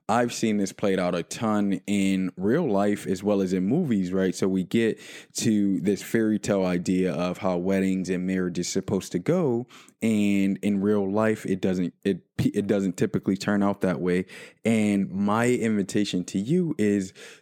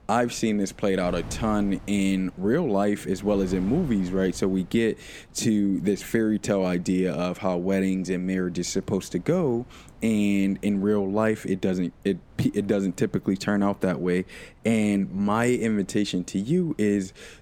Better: first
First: none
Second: wind noise on the microphone; occasional gusts; 25 dB below the speech

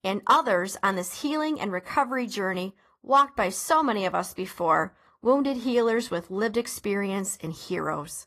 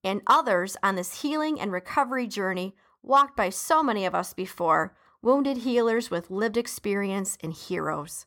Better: second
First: garbled, watery; slightly; nothing above 12.5 kHz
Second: none

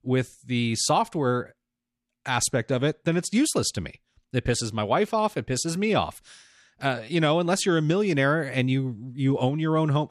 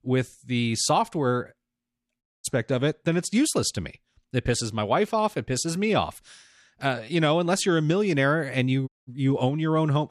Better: first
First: none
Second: audio cutting out; at 2 s and at 9 s

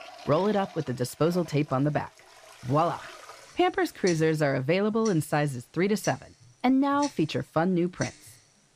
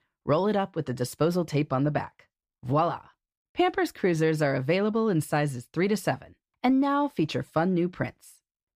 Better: second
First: household noises; noticeable; throughout; 15 dB below the speech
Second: none

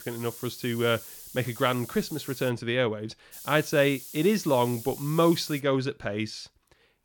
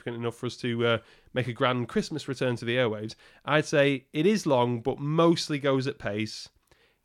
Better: second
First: hiss; noticeable; until 2.5 s and from 3.5 to 5.5 s; 15 dB below the speech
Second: none

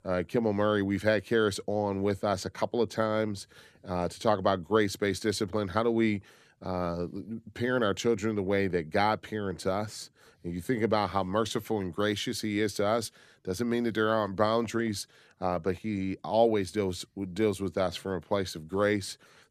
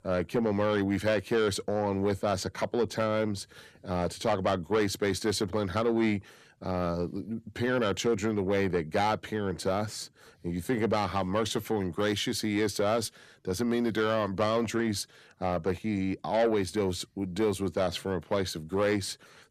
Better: first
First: none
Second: distortion; slight; 10 dB below the speech

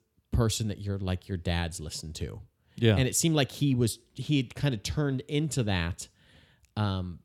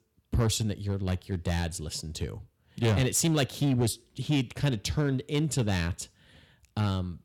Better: first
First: none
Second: distortion; slight; 6% of the sound clipped

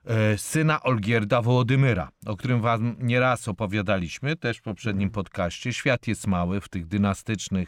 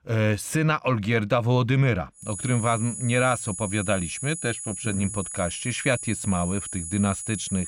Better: first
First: none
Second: high-pitched whine; loud; from 2.5 s on; 10 kHz, 7 dB below the speech

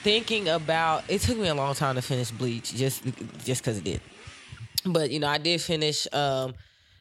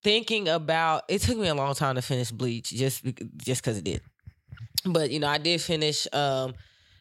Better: second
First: traffic noise; noticeable; throughout; 20 dB below the speech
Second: none

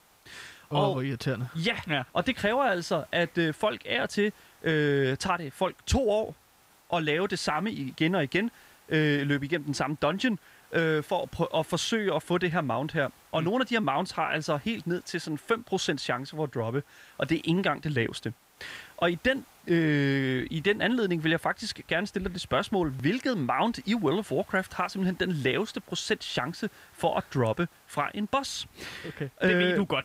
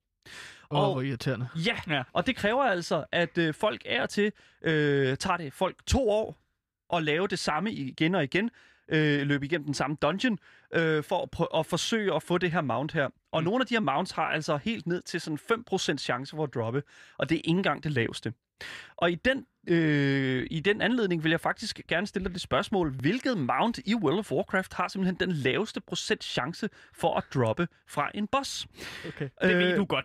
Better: second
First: hiss; faint; throughout; 30 dB below the speech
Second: none

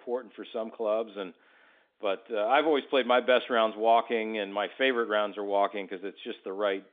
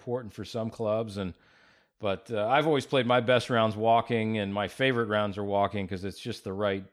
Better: second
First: phone-call audio; nothing above 3.5 kHz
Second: none

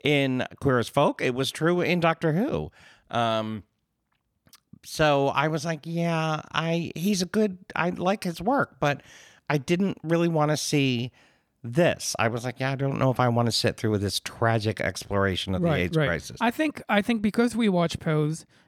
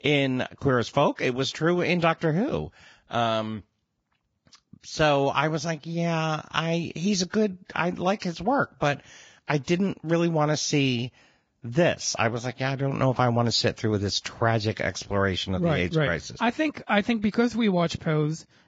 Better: first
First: none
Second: garbled, watery; badly

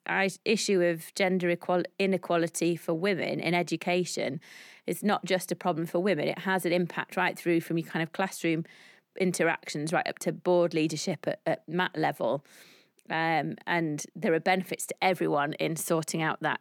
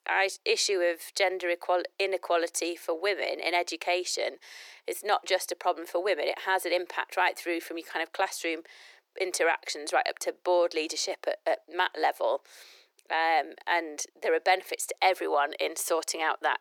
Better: first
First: none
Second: thin; very; fading below 400 Hz

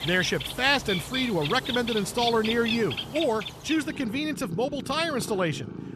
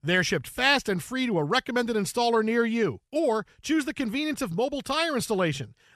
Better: second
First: animal sounds; loud; throughout; 6 dB below the speech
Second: none

